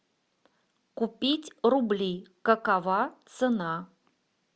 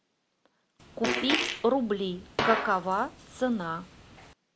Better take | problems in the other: first | background sound (Fart); 3 dB below the speech

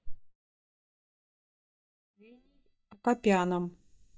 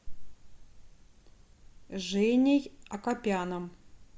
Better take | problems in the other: second | noise reduction (neural mask model DeepFilterNet 3)

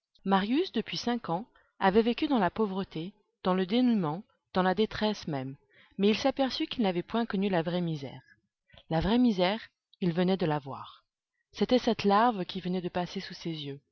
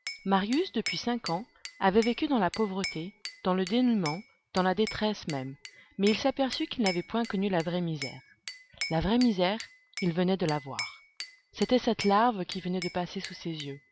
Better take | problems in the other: first | background sound (Glass / Bell); 14 dB below the speech

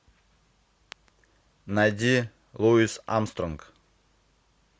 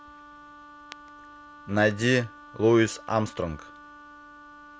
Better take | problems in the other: first | background sound (Wind instrument, woodwind instrument); 19 dB below the speech

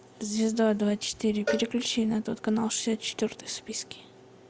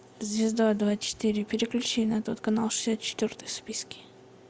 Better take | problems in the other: second | background sound (Cowbell); 10 dB below the speech

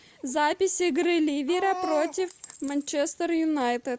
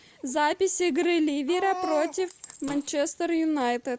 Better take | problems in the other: first | background sound (Fart); 18 dB below the speech

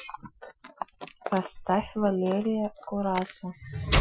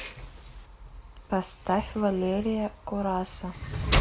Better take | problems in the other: second | noise reduction (classical method Wiener filter)

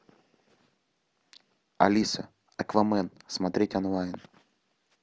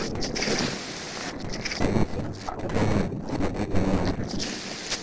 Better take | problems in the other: first | noise reduction (neural separator model SepFormer DNS4)

